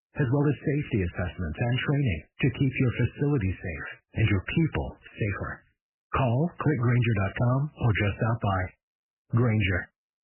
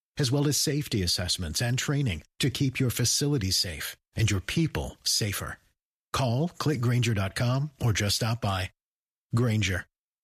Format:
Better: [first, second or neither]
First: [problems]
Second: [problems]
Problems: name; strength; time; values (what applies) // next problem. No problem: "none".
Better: second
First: garbled, watery; badly; nothing above 3 kHz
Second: none